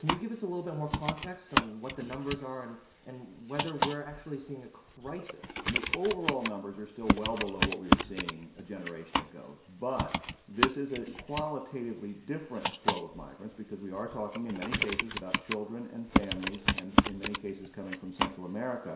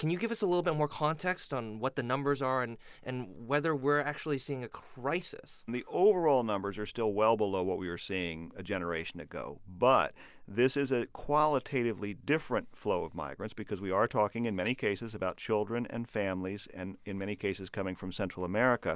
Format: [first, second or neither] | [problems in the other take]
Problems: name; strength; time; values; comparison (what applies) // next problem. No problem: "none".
second | background sound (Computer keyboard); 3 dB above the speech // room echo; dies away in 0.7 s